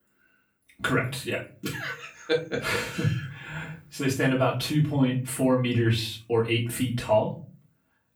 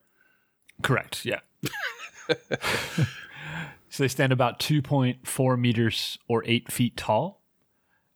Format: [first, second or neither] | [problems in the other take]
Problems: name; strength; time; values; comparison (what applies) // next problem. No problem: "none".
second | off-mic speech; far // room echo; slight; dies away in 0.3 s